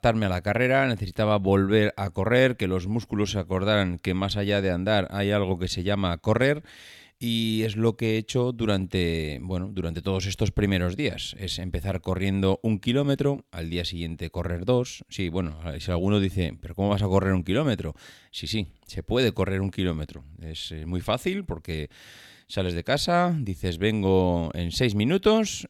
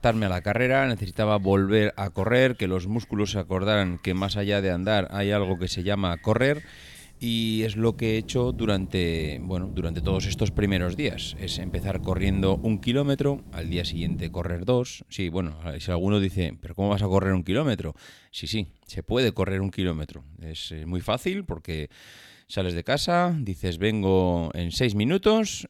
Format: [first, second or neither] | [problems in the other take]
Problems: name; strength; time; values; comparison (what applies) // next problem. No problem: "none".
first | rain or running water; noticeable; until 14 s; 10 dB below the speech